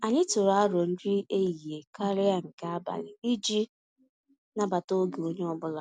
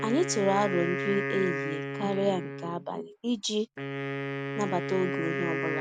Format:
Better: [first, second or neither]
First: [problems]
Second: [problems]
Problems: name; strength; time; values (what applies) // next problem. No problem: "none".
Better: first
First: none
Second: background sound (Wind instrument, woodwind instrument); 3 dB below the speech